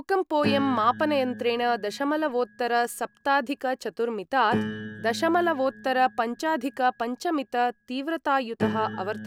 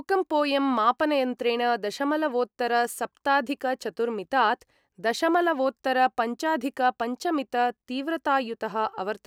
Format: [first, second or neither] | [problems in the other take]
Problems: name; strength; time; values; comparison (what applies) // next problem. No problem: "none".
second | background sound (Piano); 11 dB below the speech